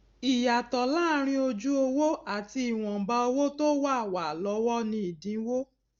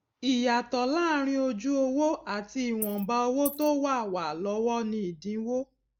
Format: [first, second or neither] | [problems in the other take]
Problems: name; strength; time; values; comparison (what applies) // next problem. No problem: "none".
first | noise reduction (neural mask model Resemble Enhance denoiser)